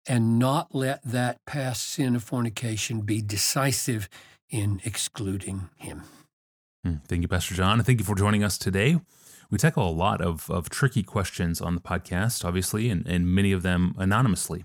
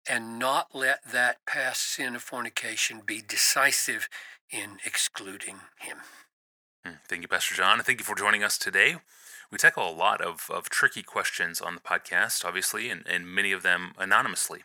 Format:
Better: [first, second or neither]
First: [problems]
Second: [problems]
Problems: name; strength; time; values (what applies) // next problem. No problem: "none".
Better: first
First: none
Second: thin; very; fading below 650 Hz